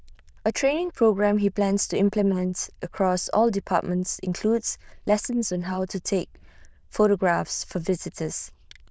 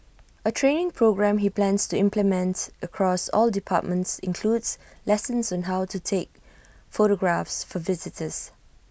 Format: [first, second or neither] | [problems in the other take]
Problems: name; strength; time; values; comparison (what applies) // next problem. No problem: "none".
second | noise reduction (neural diffusion model UNIVERSE++)